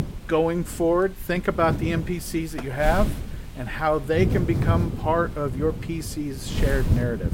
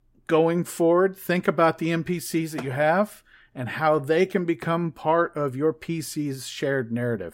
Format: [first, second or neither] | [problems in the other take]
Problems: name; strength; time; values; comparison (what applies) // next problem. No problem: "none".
second | wind noise on the microphone; occasional gusts; 10 dB below the speech